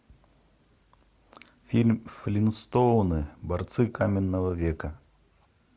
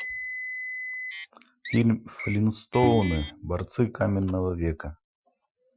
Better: first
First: none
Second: noise reduction (classical method Wiener filter)

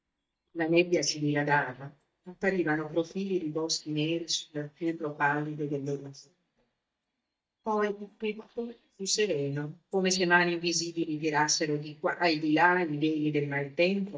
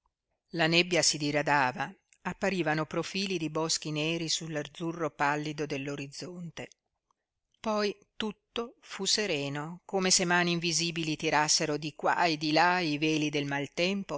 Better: second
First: noise reduction (neural mask model DeepFilterNet 3)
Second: none

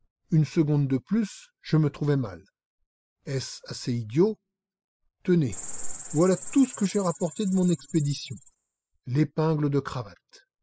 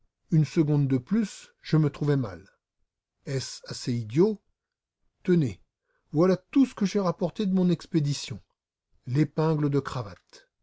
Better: second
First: noise reduction (classical method spectral subtraction)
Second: none

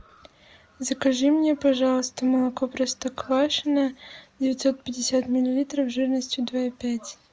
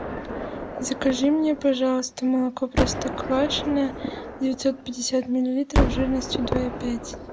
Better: first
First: none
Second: background sound (Gunshot, gunfire); 5 dB below the speech

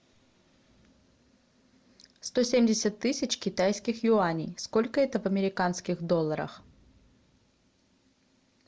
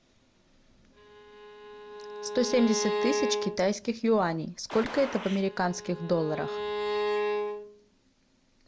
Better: first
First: none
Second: background sound (Bowed string instrument + Gunshot, gunfire); 4 dB below the speech

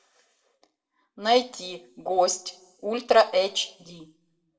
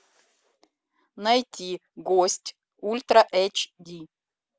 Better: second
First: room echo; dies away in 0.5 s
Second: none

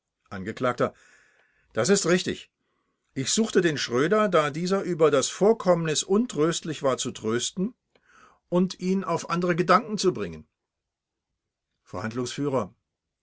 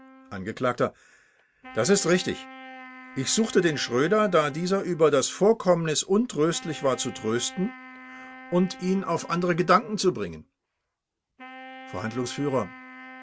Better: first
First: none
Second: background sound (Wind instrument, woodwind instrument); 19 dB below the speech

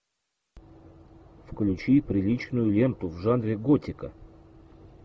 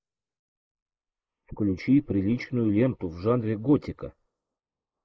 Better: first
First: none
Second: noise reduction (neural mask model Resemble Enhance denoiser)

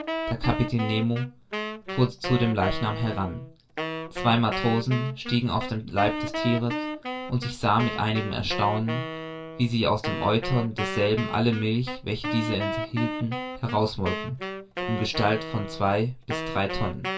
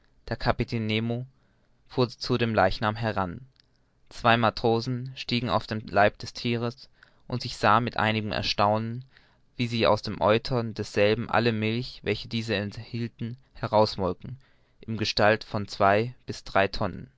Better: second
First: background sound (Wind instrument, woodwind instrument); 7 dB below the speech // room echo; dies away in 0.2 s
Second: none

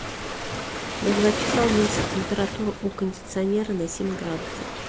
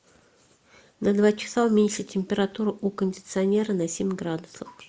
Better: second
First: background sound (Waves, surf); 3 dB below the speech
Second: none

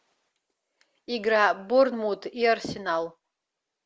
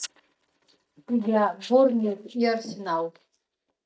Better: first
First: none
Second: noise reduction (neural mask model DeepFilterNet 3)

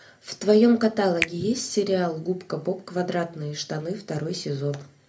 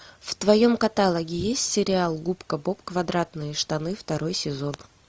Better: second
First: background sound (Finger snapping); 13 dB below the speech // room echo; dies away in 0.3 s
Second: none

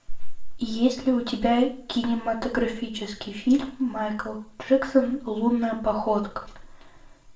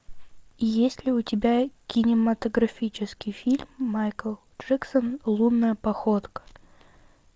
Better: second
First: room echo; dies away in 0.4 s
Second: none

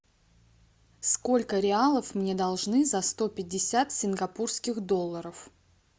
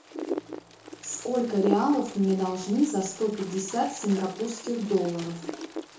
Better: first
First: none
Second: background sound (Wind); 10 dB below the speech // room echo; dies away in 0.7 s

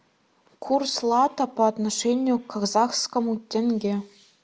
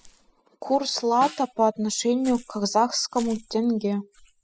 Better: first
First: none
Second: noise reduction (classical method spectral subtraction)

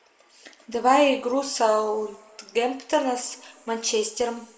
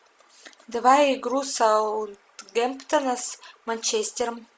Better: second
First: room echo; dies away in 1.7 s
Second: none

